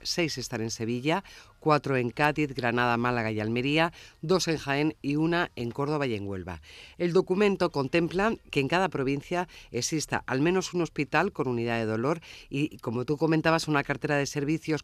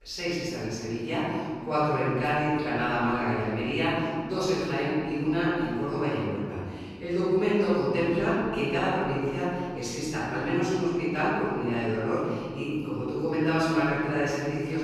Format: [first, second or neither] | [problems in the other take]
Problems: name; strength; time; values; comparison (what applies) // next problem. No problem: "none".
first | off-mic speech; far // room echo; strong; dies away in 2.1 s